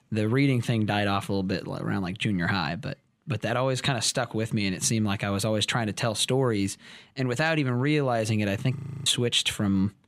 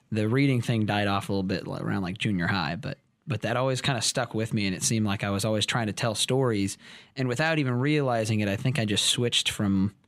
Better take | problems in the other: second | audio freezing; at 9 s

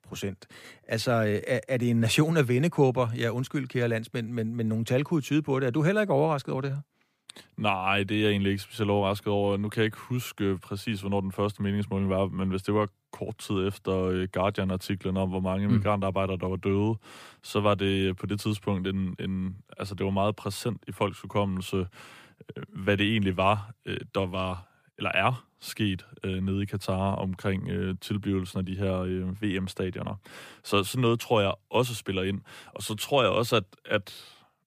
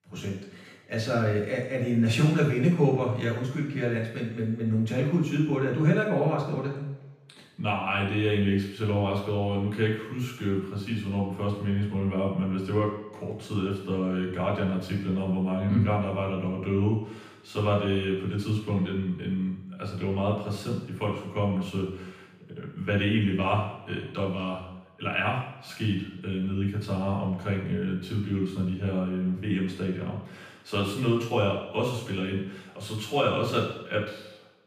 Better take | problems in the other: first | room echo; noticeable; dies away in 0.8 s // off-mic speech; far

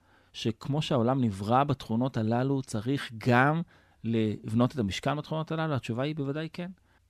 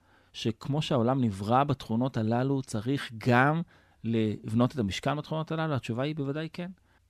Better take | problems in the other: neither | none

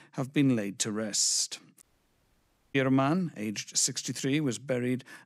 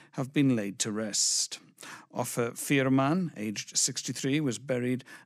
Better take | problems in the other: second | audio cutting out; at 2 s for 1 s

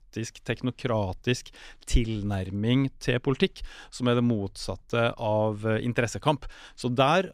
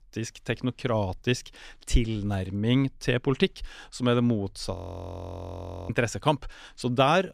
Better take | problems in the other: first | audio freezing; at 5 s for 1 s

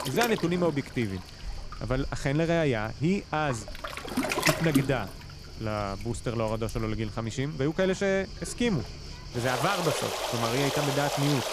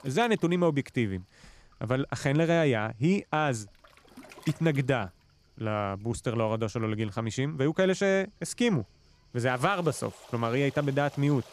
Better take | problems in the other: second | rain or running water; loud; throughout; 4 dB below the speech; faint in the second

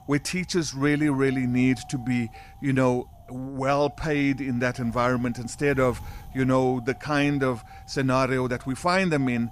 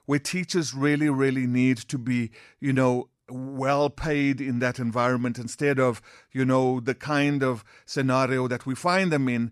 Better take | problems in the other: second | wind noise on the microphone; occasional gusts; 20 dB below the speech

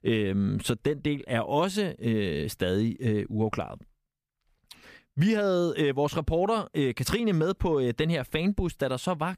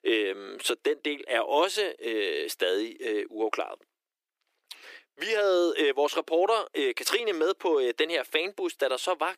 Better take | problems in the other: first | thin; very; fading below 350 Hz

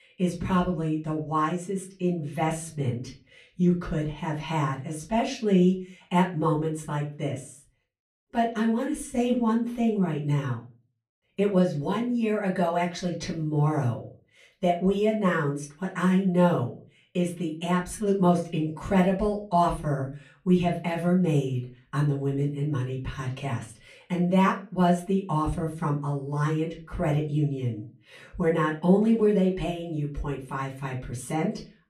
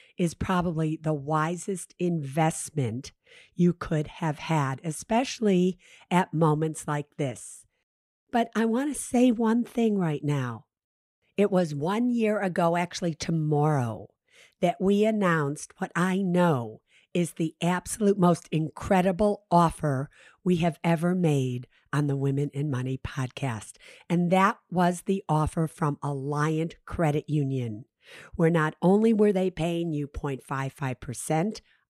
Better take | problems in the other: second | off-mic speech; far // room echo; very slight; dies away in 0.3 s

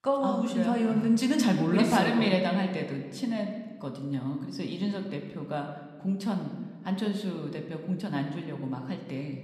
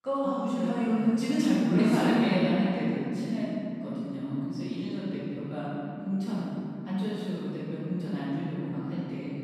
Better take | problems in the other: first | room echo; strong; dies away in 3 s; slight in the first // off-mic speech; far

